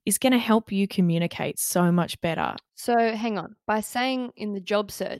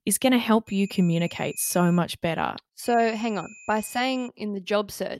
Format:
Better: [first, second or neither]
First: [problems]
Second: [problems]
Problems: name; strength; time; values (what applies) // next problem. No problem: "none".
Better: first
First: none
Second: high-pitched whine; faint; from 0.5 to 2 s and from 3 to 4.5 s; 2.5 kHz, 20 dB below the speech